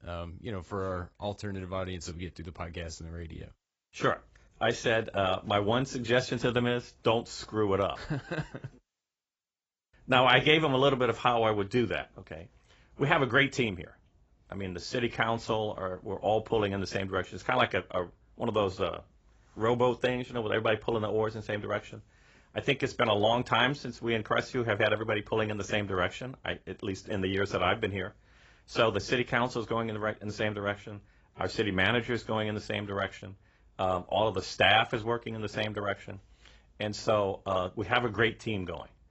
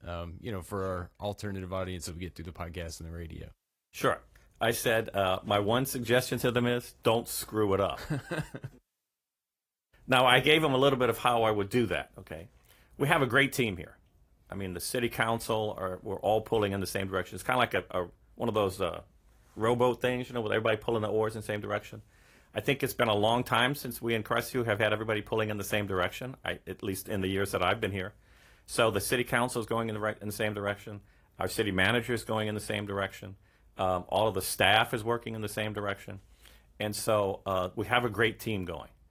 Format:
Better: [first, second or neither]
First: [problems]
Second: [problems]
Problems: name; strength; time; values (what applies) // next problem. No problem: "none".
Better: second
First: garbled, watery; badly; nothing above 7.5 kHz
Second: garbled, watery; slightly; nothing above 15 kHz